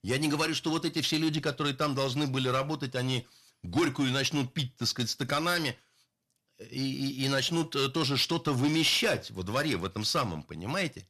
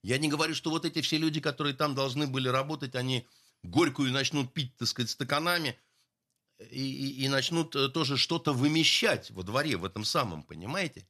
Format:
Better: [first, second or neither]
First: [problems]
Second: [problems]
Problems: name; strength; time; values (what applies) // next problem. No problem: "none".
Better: second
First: distortion; slight; 10 dB below the speech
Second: none